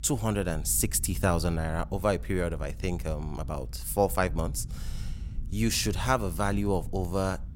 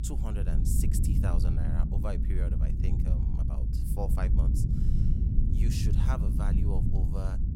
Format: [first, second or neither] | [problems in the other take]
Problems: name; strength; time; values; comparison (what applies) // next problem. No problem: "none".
first | low rumble; loud; throughout; as loud as the speech; faint in the first